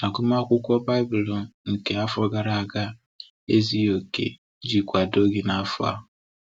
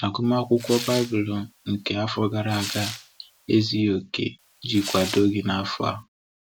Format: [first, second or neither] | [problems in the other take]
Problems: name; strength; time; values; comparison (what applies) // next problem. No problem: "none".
first | background sound (Tearing); 13 dB below the speech